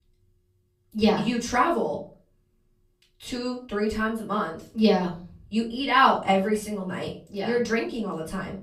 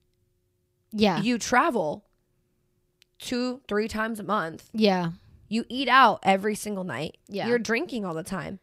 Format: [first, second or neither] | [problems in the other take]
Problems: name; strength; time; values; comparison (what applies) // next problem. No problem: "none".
second | room echo; slight; dies away in 0.3 s // off-mic speech; far